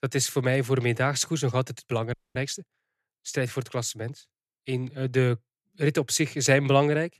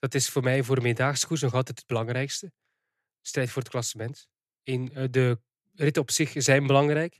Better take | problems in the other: second | audio freezing; at 2 s

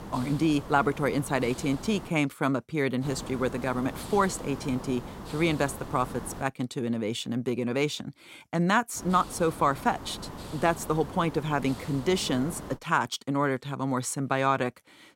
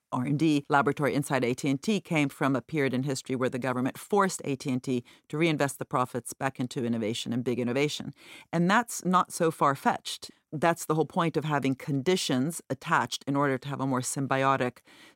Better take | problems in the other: second | hiss; noticeable; until 2 s, from 3 to 6.5 s and from 9 to 13 s; 15 dB below the speech

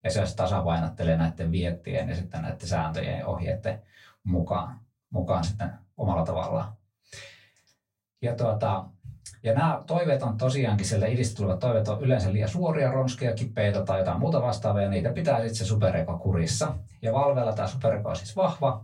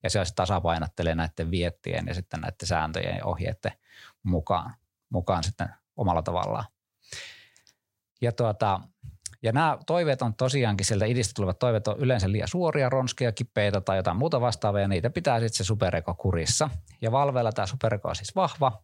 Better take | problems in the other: second | off-mic speech; far // room echo; very slight; dies away in 0.2 s

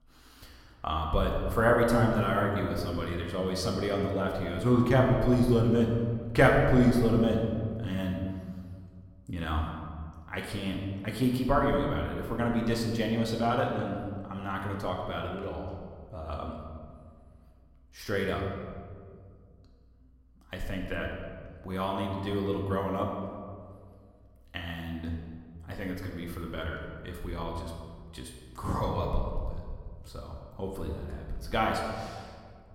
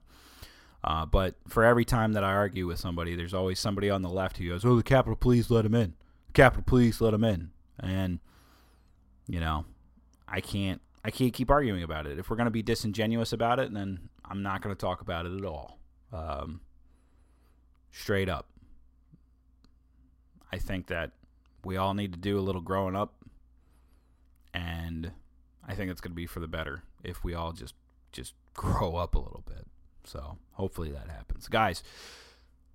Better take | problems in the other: second | room echo; noticeable; dies away in 1.5 s // off-mic speech; somewhat distant

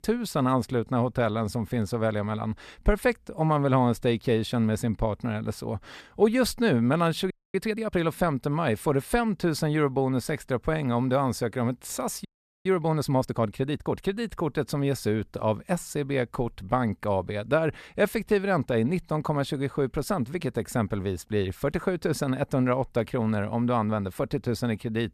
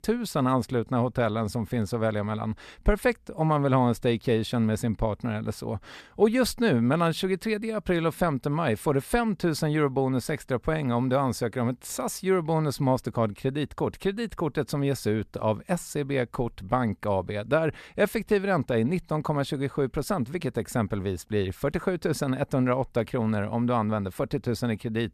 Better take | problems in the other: second | audio freezing; at 7.5 s and at 12 s

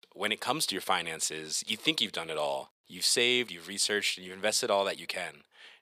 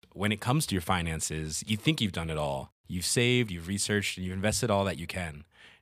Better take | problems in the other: second | thin; somewhat; fading below 450 Hz

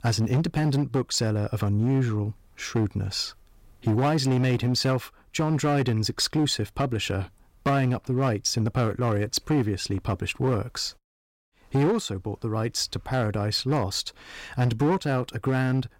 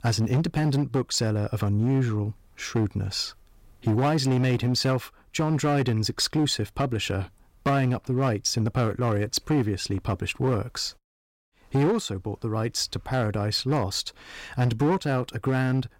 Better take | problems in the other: neither | distortion; slight; 9% of the sound clipped; the same in both

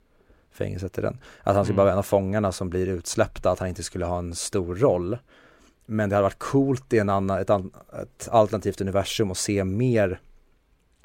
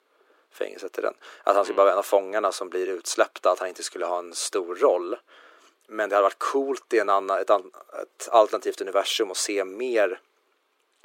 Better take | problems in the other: first | thin; very; fading below 350 Hz

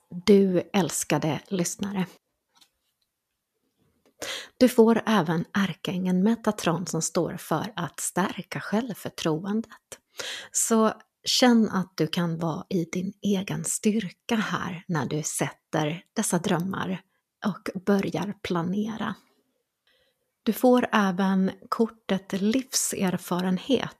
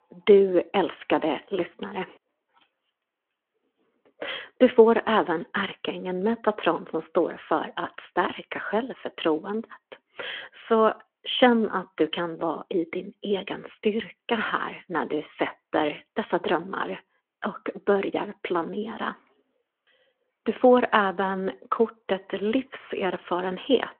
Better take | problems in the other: first | phone-call audio

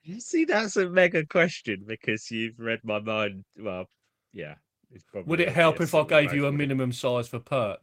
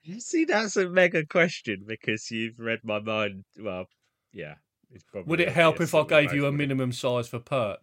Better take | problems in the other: second | garbled, watery; slightly; nothing above 16 kHz

